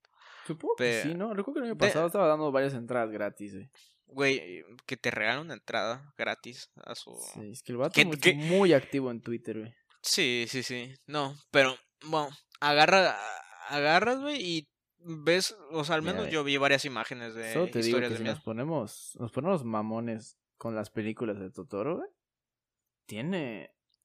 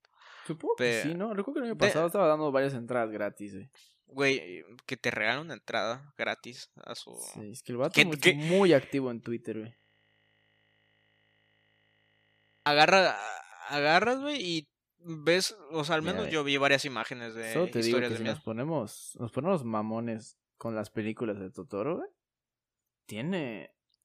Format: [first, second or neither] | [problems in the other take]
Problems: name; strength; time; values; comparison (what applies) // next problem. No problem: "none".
first | audio freezing; at 10 s for 3 s